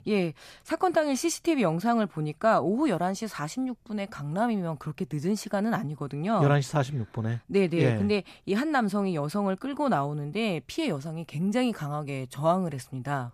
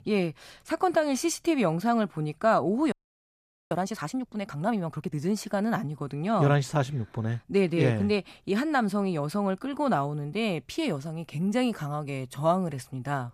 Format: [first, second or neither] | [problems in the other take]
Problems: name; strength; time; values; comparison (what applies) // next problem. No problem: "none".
first | audio freezing; at 3 s for 1 s